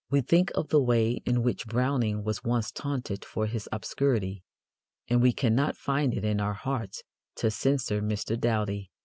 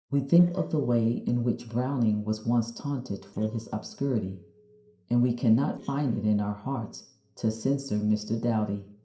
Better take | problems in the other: first | noise reduction (neural separator model SepFormer DNS4)

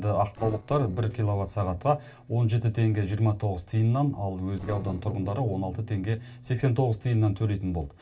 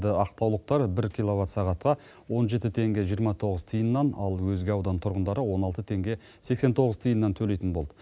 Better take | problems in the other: second | noise reduction (neural separator model SepFormer DNS4)

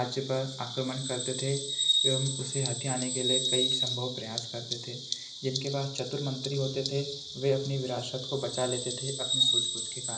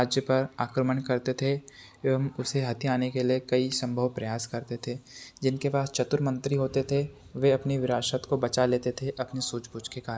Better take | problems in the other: second | background sound (Bird vocalization, bird call, bird song); 1 dB above the speech // room echo; dies away in 0.5 s

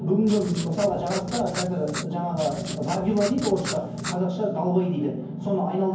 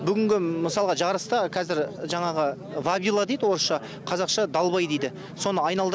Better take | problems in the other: second | background sound (Writing); 11 dB below the speech // room echo; dies away in 0.9 s

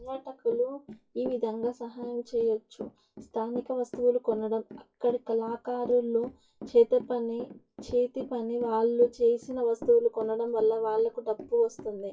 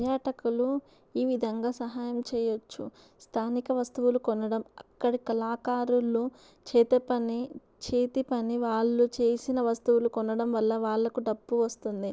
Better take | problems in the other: second | noise reduction (classical method WPE with log-MMSE)

